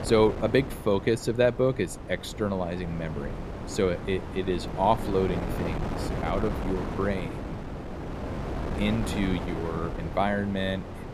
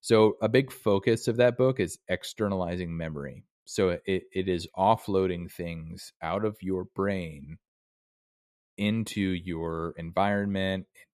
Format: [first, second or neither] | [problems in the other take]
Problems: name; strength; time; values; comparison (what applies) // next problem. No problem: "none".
second | wind noise on the microphone; heavy; 9 dB below the speech